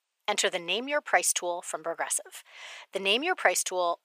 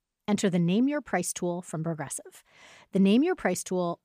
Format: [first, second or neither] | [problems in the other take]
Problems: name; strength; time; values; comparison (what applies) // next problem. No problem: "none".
second | thin; very; fading below 600 Hz